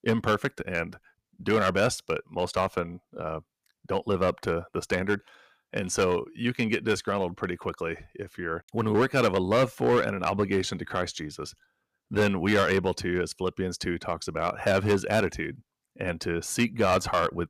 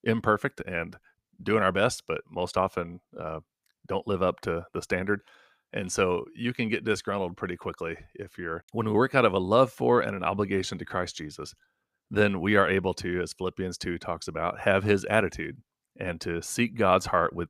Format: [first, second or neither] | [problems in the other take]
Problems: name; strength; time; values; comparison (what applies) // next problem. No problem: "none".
second | distortion; slight; 4% of the sound clipped